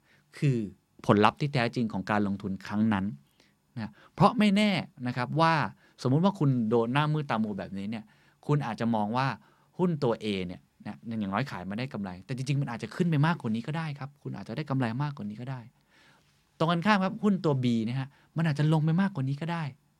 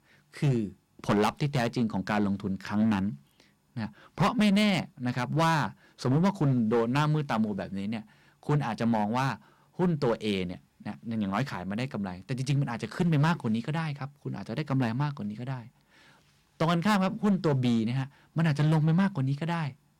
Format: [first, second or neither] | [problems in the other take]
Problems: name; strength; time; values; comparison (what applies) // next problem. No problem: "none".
first | distortion; slight; 5% of the sound clipped